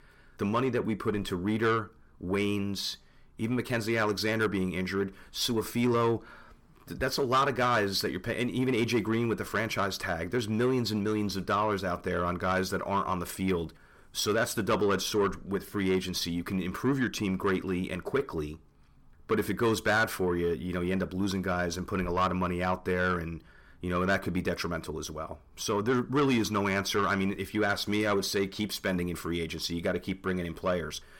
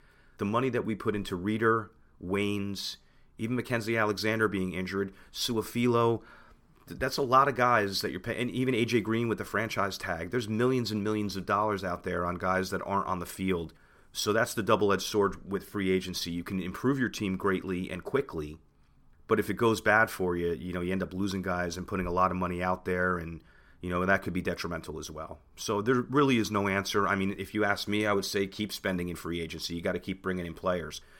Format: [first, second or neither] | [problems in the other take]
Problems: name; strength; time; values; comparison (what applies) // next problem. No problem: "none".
second | distortion; slight; 10 dB below the speech